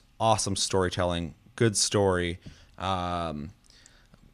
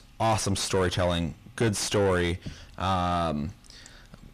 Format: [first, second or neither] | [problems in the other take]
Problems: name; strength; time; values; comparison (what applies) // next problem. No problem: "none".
first | distortion; heavy; 6 dB below the speech